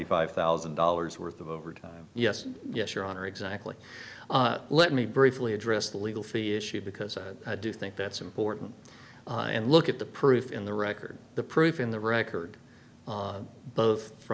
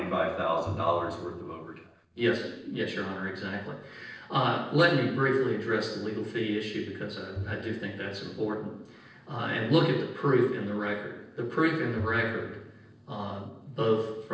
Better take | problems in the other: first | noise reduction (neural separator model SepFormer DNS4)

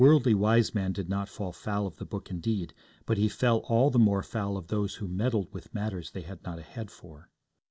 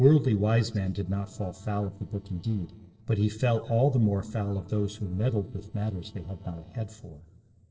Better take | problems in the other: first | noise reduction (neural separator model SepFormer DNS4)

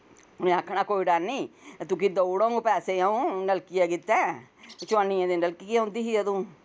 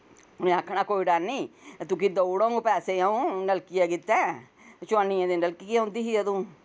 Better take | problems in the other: second | background sound (Bird); 19 dB below the speech

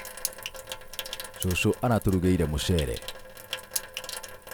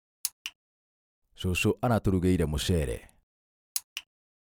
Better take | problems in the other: second | background sound (Sink (filling or washing) / Water tap, faucet); 11 dB below the speech

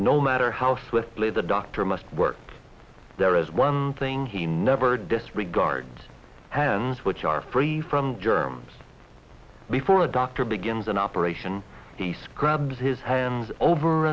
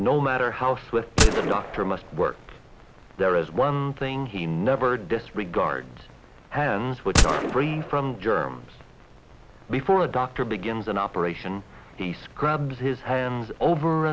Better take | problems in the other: first | background sound (Gunshot, gunfire); 1 dB below the speech

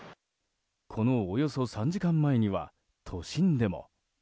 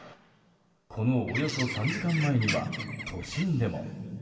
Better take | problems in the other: first | background sound (Bird); 6 dB below the speech // room echo; dies away in 2.5 s

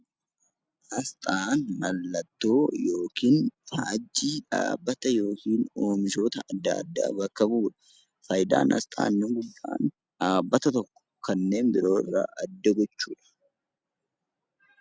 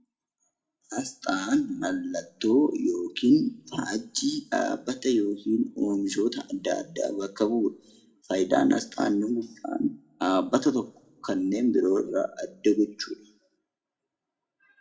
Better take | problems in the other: first | room echo; dies away in 0.3 s

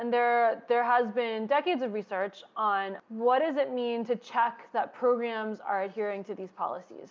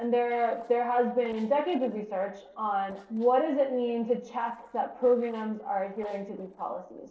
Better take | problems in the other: first | noise reduction (neural separator model SepFormer DNS4)

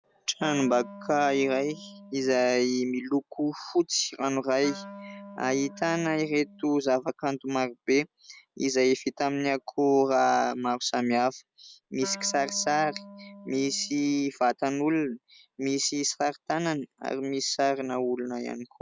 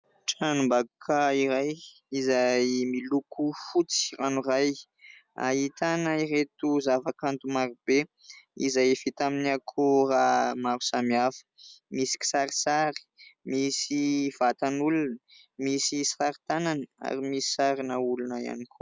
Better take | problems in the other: second | background sound (Wind instrument, woodwind instrument); 18 dB below the speech

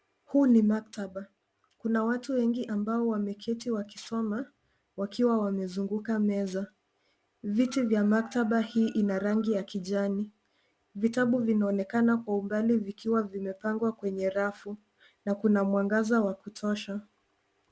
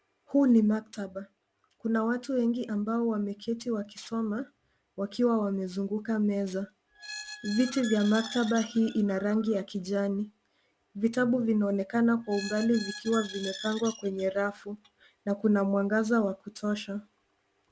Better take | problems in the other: first | background sound (Squeak); 14 dB below the speech

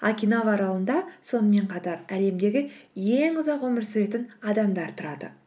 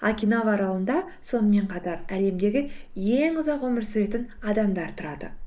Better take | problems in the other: first | noise reduction (neural mask model Resemble Enhance denoiser)

